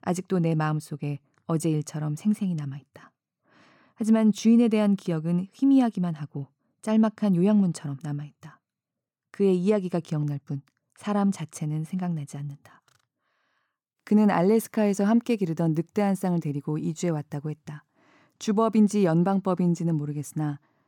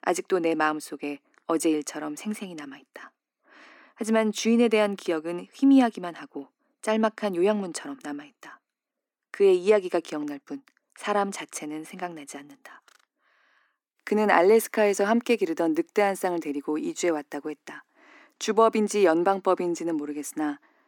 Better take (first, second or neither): first